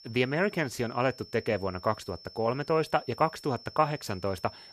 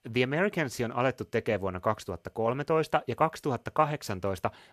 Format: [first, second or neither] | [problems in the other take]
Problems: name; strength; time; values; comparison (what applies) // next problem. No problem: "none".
second | high-pitched whine; noticeable; throughout; 5.5 kHz, 20 dB below the speech